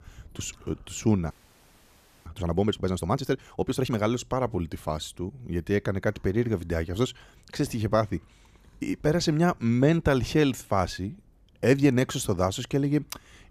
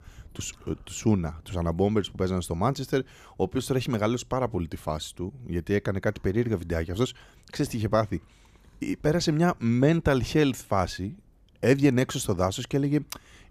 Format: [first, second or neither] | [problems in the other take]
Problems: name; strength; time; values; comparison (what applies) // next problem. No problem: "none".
second | audio freezing; at 1.5 s for 1 s